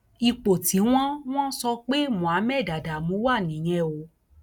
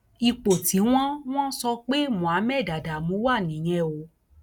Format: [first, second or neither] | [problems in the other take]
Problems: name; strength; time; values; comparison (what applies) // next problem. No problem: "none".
first | background sound (Hi-hat); 14 dB below the speech